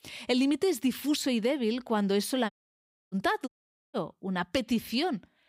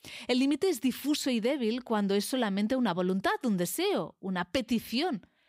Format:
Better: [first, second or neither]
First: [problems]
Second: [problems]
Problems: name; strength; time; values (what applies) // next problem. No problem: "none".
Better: second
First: audio cutting out; at 2.5 s for 0.5 s and at 3.5 s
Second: none